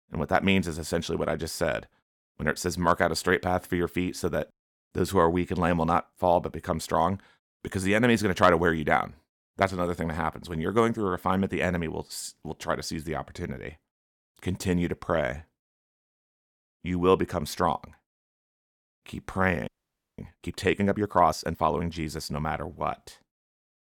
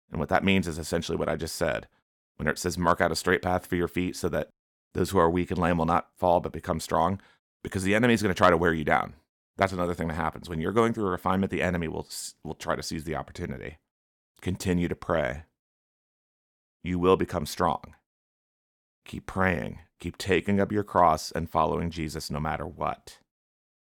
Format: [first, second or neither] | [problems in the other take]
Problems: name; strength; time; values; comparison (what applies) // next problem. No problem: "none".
second | audio freezing; at 20 s for 0.5 s